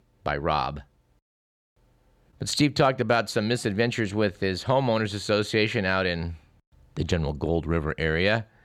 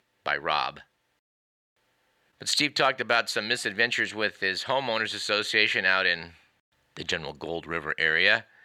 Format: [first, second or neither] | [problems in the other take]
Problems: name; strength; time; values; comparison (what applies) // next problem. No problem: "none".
first | thin; somewhat; fading below 900 Hz